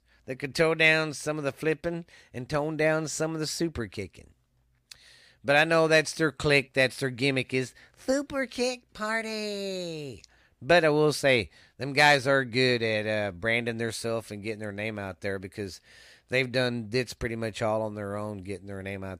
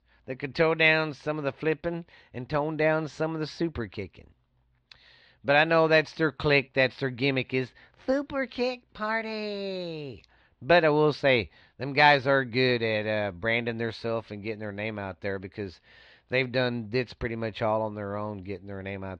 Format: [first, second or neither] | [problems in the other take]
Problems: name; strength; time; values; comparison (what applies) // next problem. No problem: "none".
first | muffled; very slightly; fading above 4 kHz